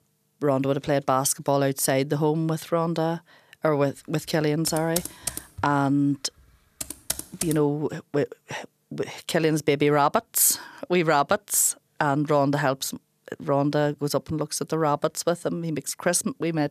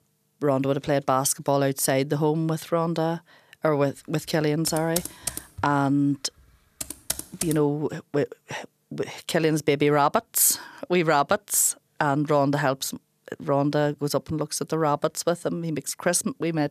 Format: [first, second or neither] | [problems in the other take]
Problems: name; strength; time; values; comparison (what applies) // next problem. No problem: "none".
neither | keyboard typing; noticeable; from 4.5 to 7.5 s; peak 5 dB below the speech; the same in both